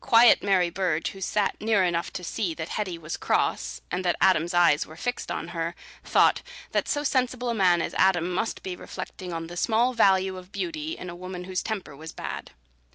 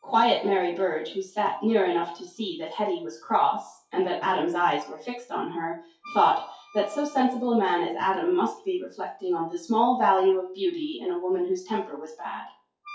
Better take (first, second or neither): first